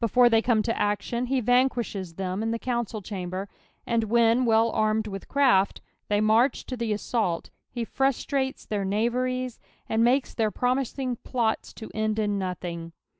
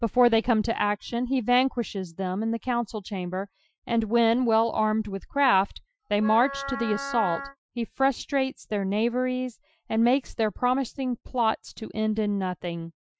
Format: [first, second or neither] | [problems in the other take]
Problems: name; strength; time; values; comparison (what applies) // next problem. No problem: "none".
first | noise reduction (classical method Wiener filter)